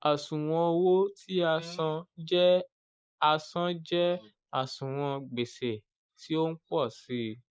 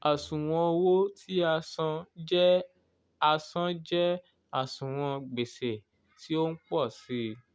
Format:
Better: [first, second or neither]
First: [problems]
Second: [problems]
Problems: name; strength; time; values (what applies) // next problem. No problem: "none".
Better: second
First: noise reduction (neural mask model Resemble Enhance denoiser)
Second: none